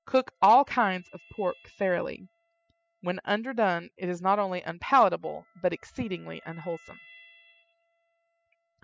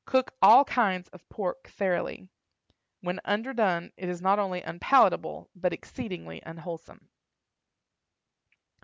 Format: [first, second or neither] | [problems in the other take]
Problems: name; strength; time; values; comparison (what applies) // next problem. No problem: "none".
second | noise reduction (classical method spectral subtraction)